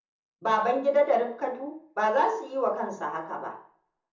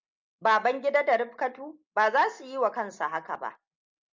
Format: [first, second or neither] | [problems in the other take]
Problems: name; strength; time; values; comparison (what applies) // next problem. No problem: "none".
second | room echo; dies away in 0.6 s